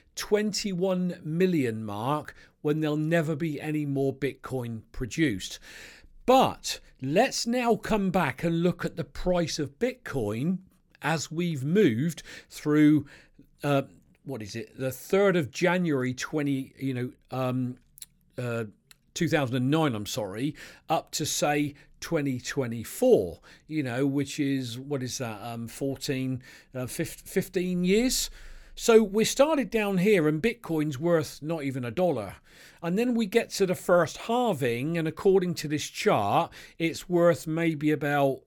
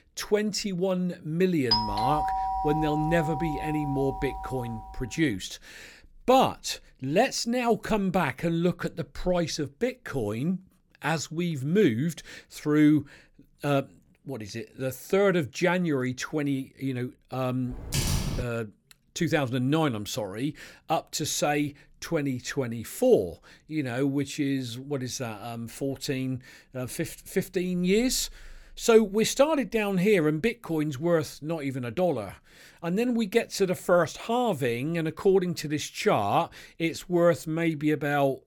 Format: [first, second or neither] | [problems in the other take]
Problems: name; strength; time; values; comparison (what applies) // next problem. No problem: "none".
first | doorbell; loud; from 1.5 to 4.5 s; peak 3 dB above the speech // keyboard typing; loud; at 18 s; peak level with the speech